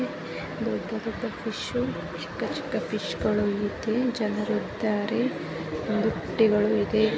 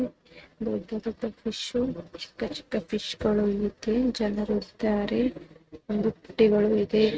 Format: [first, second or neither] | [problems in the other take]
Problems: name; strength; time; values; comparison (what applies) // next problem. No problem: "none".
first | noise reduction (neural mask model RNNoise)